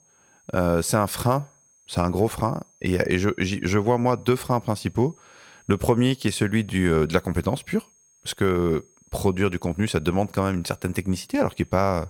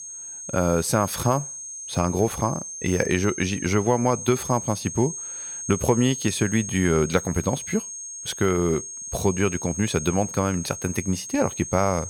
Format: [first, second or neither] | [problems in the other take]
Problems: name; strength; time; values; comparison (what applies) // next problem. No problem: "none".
first | high-pitched whine; loud; throughout; 6.5 kHz, 8 dB below the speech; faint in the first